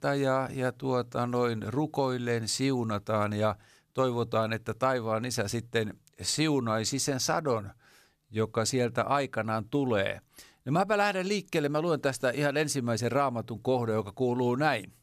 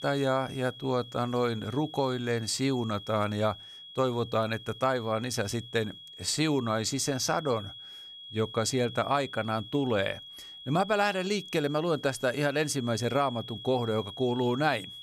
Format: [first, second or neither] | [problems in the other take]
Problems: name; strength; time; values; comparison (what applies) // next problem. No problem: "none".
first | high-pitched whine; noticeable; throughout; 3.5 kHz, 15 dB below the speech